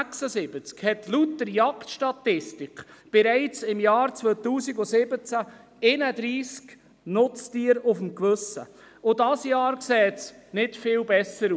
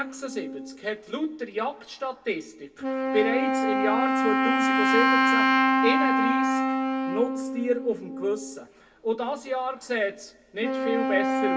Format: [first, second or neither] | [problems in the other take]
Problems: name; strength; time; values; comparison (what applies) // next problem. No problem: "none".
first | background sound (Wind instrument, woodwind instrument); 4 dB above the speech // room echo; dies away in 0.1 s